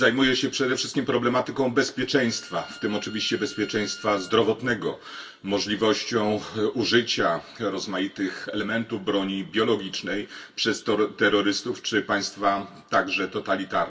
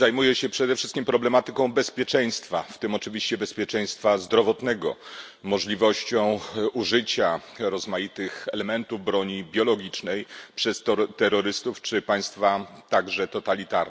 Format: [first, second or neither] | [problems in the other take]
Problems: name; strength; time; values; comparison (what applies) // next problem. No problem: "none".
second | background sound (Bowed string instrument); 20 dB below the speech // room echo; dies away in 0.2 s